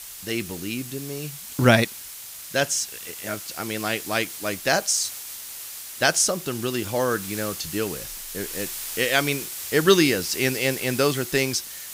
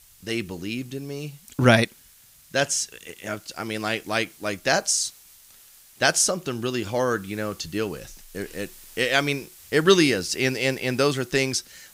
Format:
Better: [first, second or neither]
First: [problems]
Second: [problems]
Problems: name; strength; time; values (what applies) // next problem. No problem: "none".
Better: second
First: hiss; loud; throughout; 9 dB below the speech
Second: hiss; faint; throughout; 25 dB below the speech